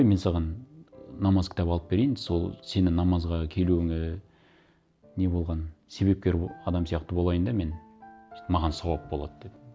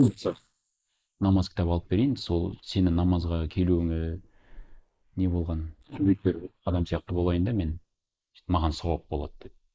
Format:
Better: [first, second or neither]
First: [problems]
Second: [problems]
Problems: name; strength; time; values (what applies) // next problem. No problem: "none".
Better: first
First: none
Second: noise reduction (neural mask model Resemble Enhance denoiser)